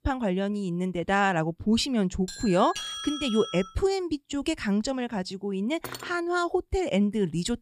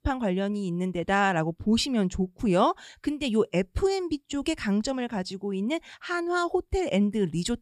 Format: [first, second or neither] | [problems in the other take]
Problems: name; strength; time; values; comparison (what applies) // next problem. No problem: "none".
second | doorbell; noticeable; from 2.5 to 3.5 s; peak 5 dB below the speech // clattering dishes; faint; at 6 s; peak 10 dB below the speech